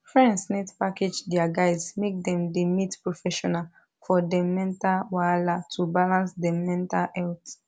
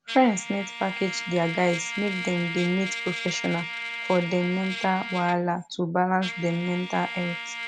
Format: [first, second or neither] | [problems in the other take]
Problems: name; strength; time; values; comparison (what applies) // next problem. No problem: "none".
first | background sound (Trumpet); 8 dB below the speech